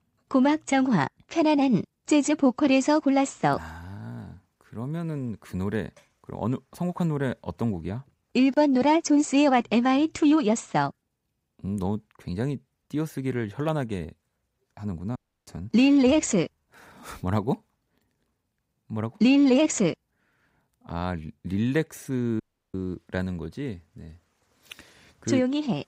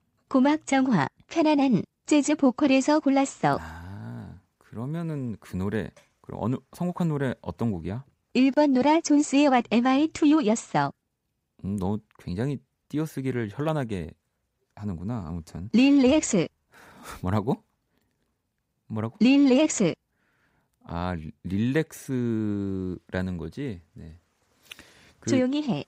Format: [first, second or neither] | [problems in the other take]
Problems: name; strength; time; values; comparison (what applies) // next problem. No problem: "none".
second | audio cutting out; at 15 s and at 22 s